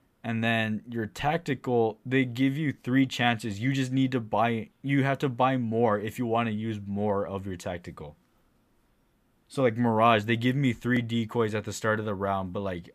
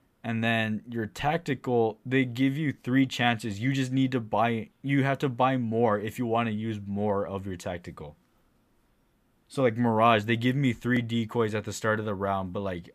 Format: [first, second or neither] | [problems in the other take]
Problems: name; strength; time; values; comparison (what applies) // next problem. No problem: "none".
neither | none